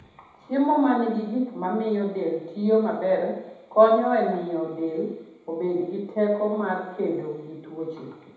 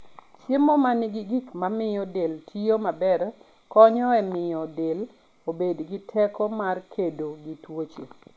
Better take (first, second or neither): second